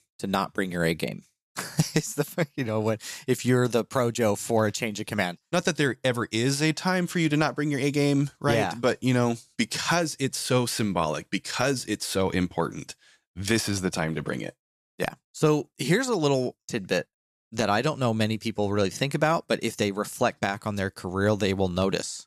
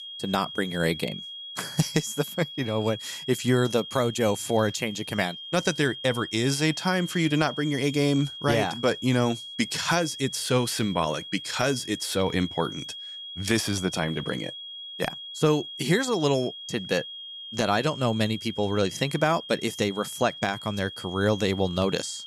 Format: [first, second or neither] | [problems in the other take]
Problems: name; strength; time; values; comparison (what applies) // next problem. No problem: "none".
first | high-pitched whine; noticeable; throughout; 3.5 kHz, 10 dB below the speech